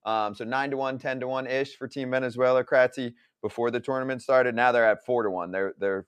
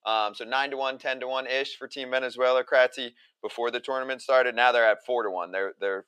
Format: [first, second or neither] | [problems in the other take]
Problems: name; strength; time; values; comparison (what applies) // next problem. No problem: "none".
first | thin; somewhat; fading below 500 Hz